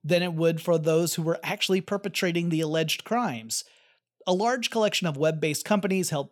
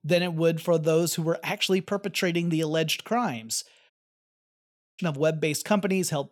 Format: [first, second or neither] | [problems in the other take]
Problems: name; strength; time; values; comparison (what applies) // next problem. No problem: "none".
first | audio cutting out; at 4 s for 1 s